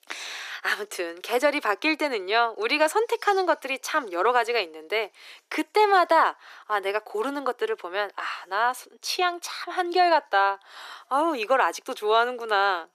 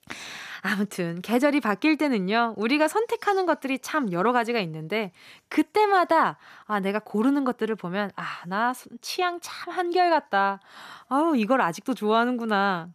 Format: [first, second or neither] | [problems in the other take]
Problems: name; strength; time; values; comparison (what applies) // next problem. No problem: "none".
second | thin; very; fading below 350 Hz